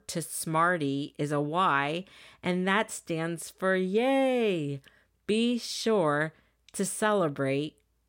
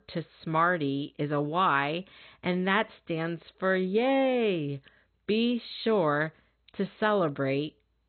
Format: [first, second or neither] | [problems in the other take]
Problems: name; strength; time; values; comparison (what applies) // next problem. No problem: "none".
first | garbled, watery; badly; nothing above 4 kHz